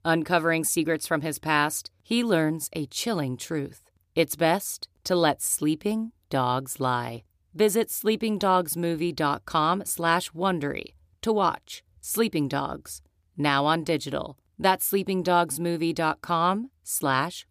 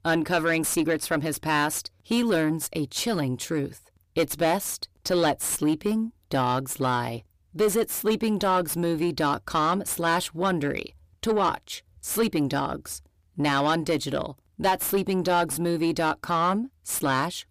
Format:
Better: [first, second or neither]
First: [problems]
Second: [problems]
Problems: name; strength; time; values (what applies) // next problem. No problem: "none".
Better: first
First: none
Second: distortion; slight; 9 dB below the speech